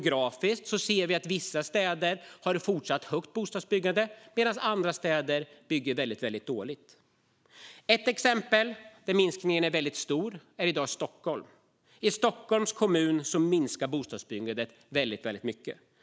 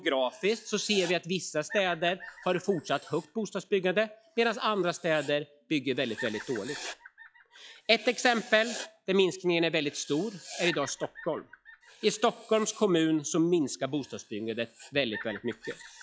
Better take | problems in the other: first | noise reduction (classical method log-MMSE)

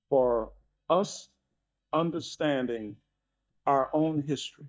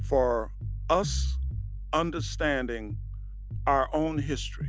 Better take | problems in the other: second | noise reduction (neural mask model DeepFilterNet 3)

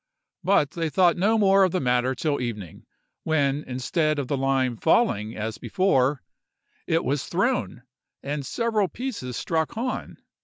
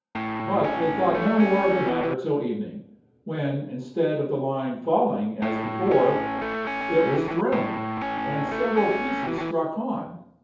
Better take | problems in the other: first | background sound (Guitar); 3 dB below the speech // room echo; dies away in 0.7 s

